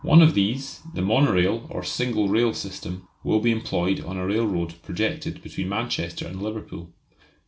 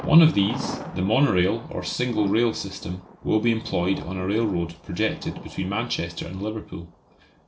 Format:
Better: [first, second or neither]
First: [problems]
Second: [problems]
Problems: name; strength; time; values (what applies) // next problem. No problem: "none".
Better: first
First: none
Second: background sound (Thunder); 15 dB below the speech